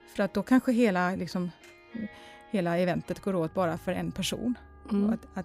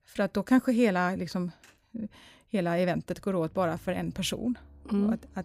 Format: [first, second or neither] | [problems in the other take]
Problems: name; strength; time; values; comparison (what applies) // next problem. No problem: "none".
second | background music; faint; throughout; 25 dB below the speech